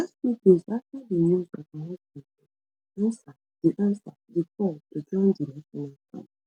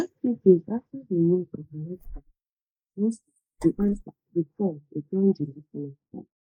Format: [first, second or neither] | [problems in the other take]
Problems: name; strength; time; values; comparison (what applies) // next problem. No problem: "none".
first | noise reduction (neural mask model Resemble Enhance denoiser)